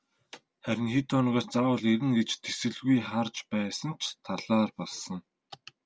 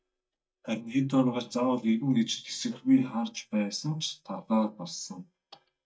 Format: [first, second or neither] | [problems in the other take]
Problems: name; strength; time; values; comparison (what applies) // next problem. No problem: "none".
first | noise reduction (neural mask model DeepFilterNet 3)